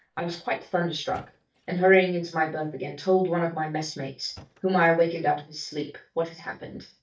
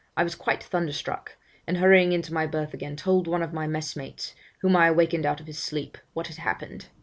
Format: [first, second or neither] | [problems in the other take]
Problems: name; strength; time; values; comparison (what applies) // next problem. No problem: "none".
second | noise reduction (neural mask model DeepFilterNet 3)